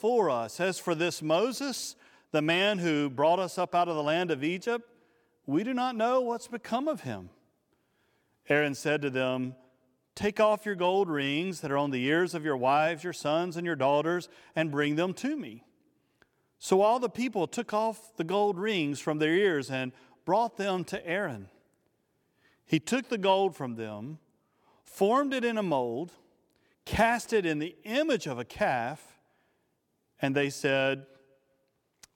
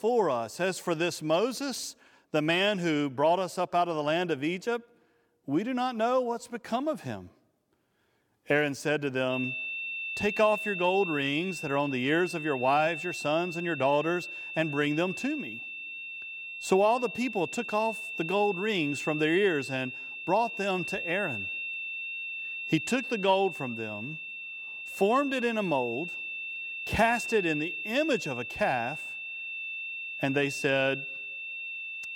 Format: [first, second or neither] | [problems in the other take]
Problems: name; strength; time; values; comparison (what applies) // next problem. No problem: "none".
first | high-pitched whine; loud; from 9.5 s on; 2.5 kHz, 6 dB below the speech